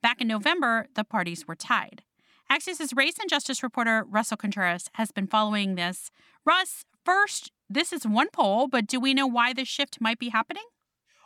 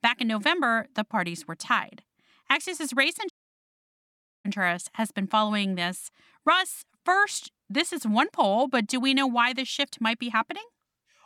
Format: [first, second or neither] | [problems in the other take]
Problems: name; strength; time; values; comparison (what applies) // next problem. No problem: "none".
first | audio cutting out; at 3.5 s for 1 s